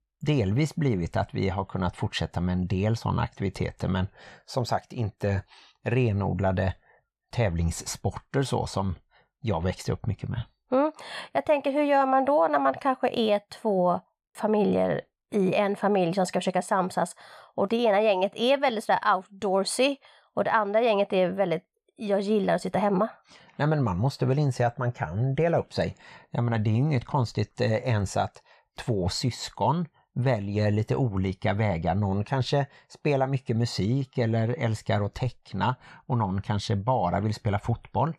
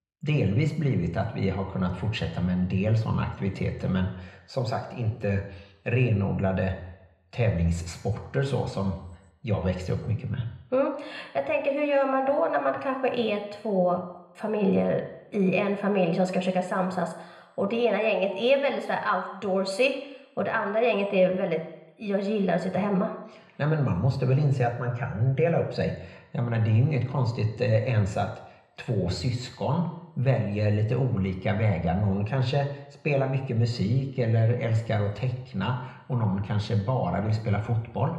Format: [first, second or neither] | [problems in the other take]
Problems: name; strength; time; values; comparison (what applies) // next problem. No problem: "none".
first | room echo; slight; dies away in 0.8 s // off-mic speech; somewhat distant